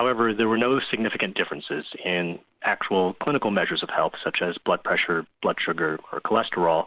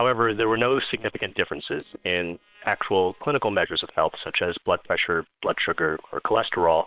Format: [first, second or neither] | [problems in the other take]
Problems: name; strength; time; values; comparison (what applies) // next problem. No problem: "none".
first | noise reduction (neural separator model SepFormer WHAM!)